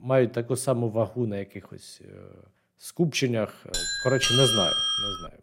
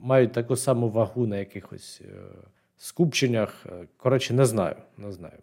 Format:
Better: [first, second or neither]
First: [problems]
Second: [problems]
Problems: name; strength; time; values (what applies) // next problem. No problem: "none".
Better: second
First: doorbell; loud; from 3.5 s on; peak 6 dB above the speech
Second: none